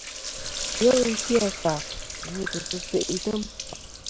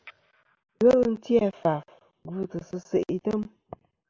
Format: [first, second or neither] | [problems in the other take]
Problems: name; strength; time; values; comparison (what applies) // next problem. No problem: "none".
second | background sound (Sink (filling or washing)); 6 dB below the speech